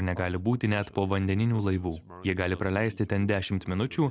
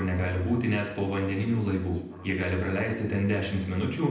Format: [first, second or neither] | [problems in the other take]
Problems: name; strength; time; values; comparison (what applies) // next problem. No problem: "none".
first | room echo; dies away in 0.9 s